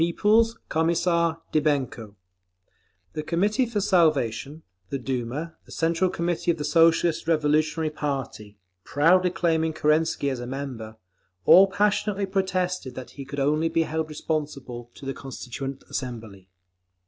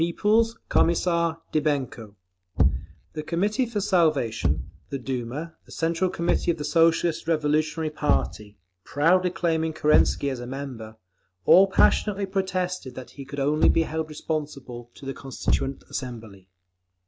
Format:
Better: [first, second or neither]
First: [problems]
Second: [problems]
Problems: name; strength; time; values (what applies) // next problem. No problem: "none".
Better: first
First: none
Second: background sound (Thump, thud); 3 dB below the speech